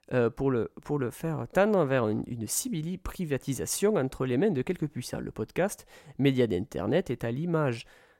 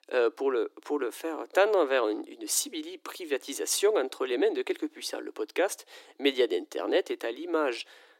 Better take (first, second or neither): first